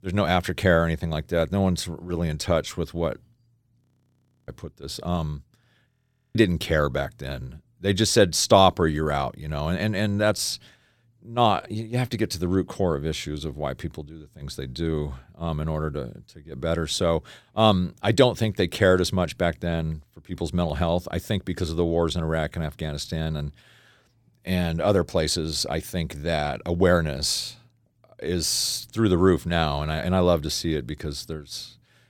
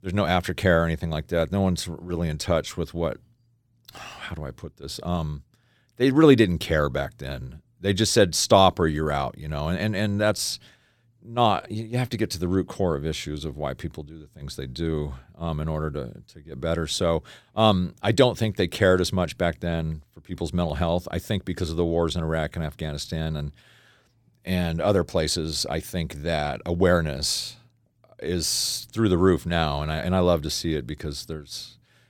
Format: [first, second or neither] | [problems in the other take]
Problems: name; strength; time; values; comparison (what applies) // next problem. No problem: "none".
second | audio freezing; at 4 s for 0.5 s and at 6 s